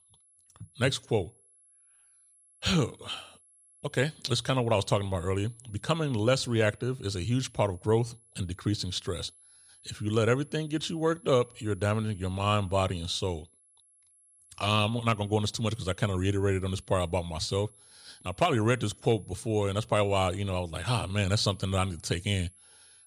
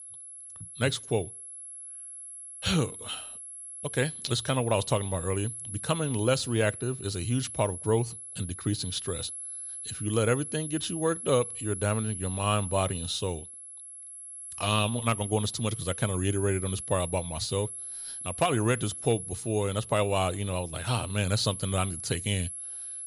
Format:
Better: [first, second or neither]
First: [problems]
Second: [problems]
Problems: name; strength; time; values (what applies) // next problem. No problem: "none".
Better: first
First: high-pitched whine; faint; throughout; 11 kHz, 25 dB below the speech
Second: high-pitched whine; loud; throughout; 11 kHz, 8 dB below the speech